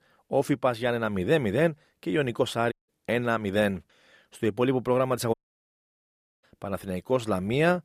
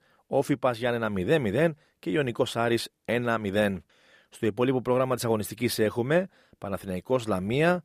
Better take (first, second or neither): second